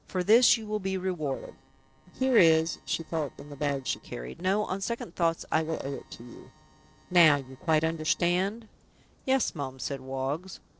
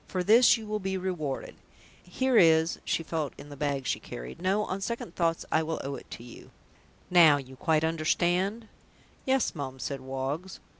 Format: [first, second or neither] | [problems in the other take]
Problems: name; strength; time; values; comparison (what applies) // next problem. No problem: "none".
second | noise reduction (neural separator model SepFormer DNS4)